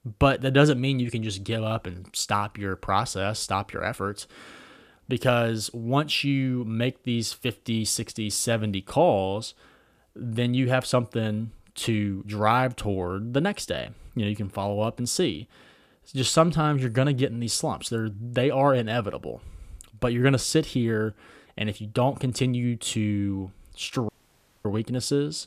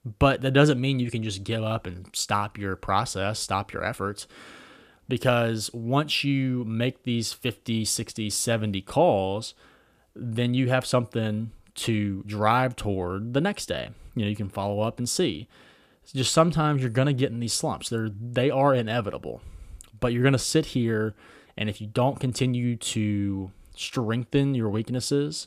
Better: second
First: audio cutting out; at 24 s for 0.5 s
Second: none

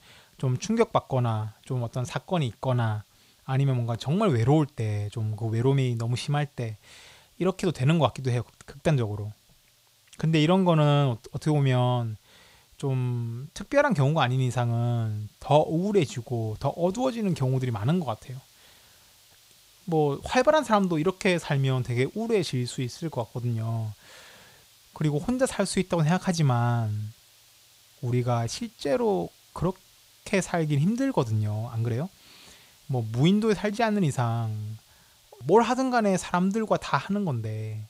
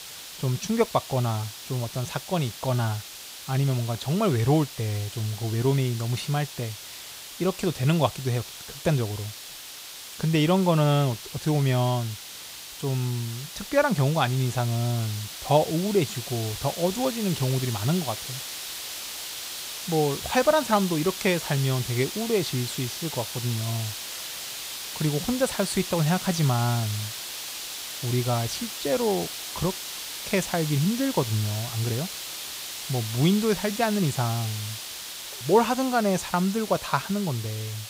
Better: first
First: hiss; faint; throughout; 30 dB below the speech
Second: hiss; loud; throughout; 8 dB below the speech

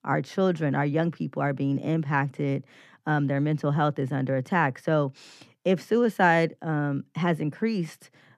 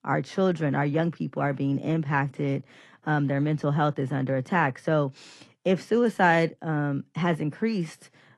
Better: first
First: none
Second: garbled, watery; slightly; nothing above 11.5 kHz

